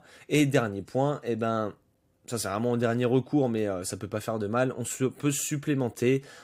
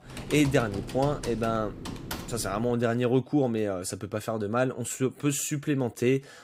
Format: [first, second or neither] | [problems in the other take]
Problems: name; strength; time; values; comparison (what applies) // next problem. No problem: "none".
first | keyboard typing; noticeable; until 2.5 s; peak 8 dB below the speech